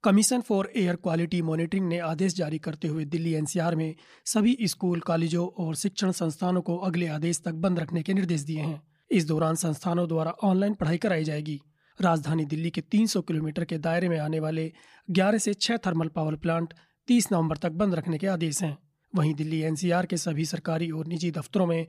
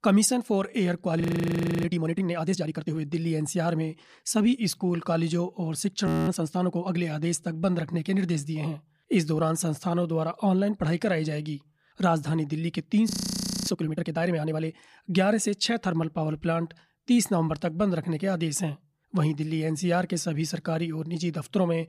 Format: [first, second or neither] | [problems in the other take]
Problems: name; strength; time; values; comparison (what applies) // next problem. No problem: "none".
first | audio freezing; at 1 s for 0.5 s, at 6 s and at 13 s for 0.5 s